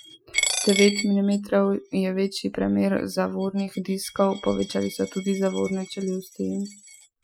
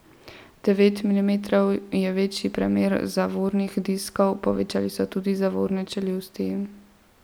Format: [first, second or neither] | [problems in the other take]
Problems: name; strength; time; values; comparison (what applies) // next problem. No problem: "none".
second | noise reduction (classical method Wiener filter)